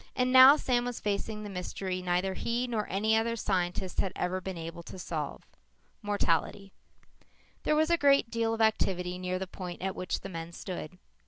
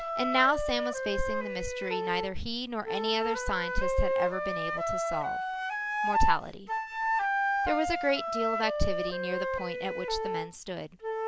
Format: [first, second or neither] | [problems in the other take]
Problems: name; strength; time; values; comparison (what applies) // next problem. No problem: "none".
first | background sound (Wind instrument, woodwind instrument); 1 dB above the speech